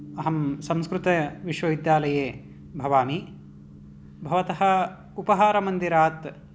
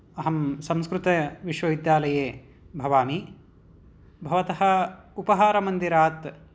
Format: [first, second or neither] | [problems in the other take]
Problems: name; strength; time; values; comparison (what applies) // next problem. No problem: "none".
second | background sound (Gong); 19 dB below the speech